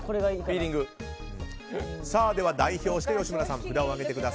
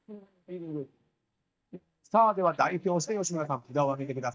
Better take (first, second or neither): first